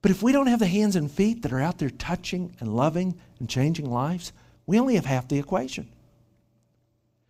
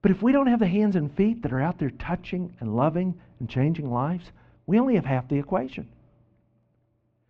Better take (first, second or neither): first